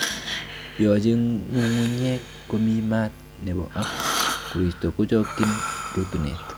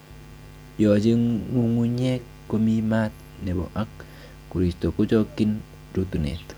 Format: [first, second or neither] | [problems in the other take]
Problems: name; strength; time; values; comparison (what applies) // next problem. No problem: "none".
second | background sound (Breathing); 8 dB below the speech